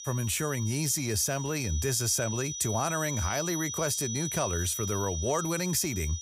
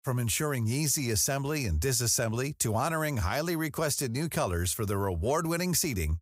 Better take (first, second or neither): second